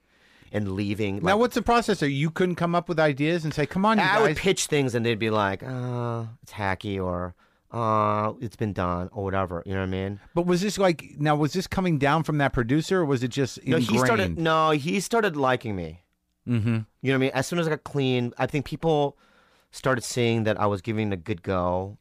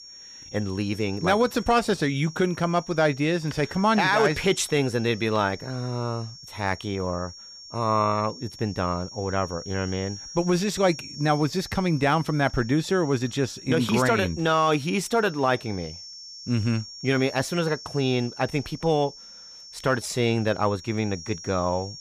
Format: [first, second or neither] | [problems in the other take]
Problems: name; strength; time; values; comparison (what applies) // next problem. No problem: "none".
first | high-pitched whine; noticeable; throughout; 5.5 kHz, 15 dB below the speech